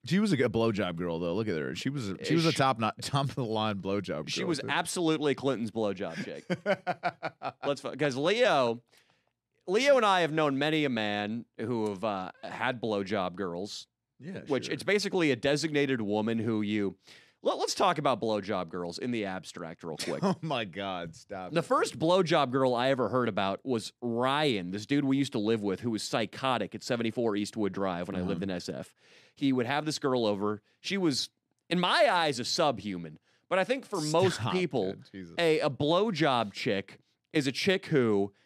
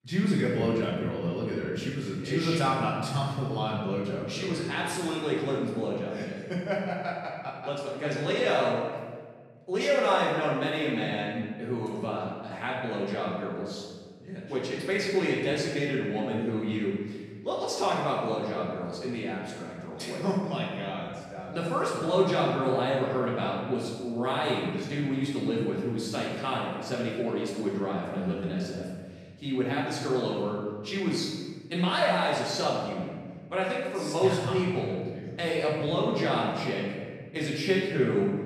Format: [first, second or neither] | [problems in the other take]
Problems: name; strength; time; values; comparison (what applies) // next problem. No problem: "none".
first | off-mic speech; far // room echo; strong; dies away in 1.5 s